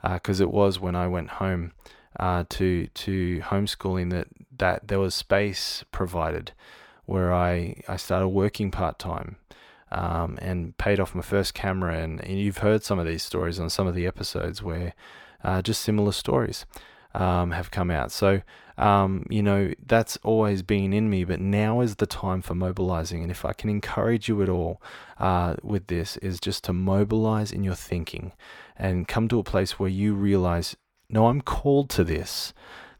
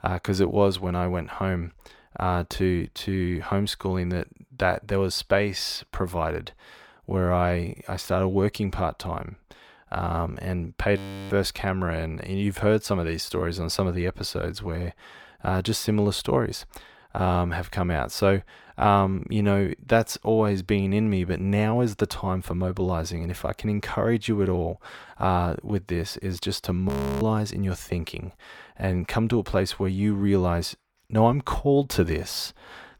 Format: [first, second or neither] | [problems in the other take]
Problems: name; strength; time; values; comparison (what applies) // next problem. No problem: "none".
first | audio freezing; at 11 s and at 27 s